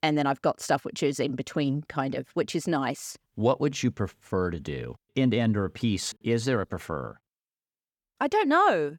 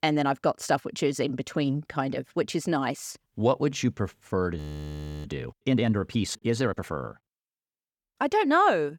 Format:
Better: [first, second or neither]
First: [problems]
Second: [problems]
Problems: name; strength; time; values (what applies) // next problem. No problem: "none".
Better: first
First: none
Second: audio freezing; at 4.5 s for 0.5 s